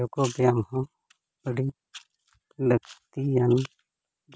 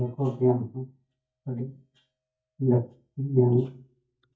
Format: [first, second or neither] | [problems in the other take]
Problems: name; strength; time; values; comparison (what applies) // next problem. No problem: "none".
first | noise reduction (neural mask model DeepFilterNet 3)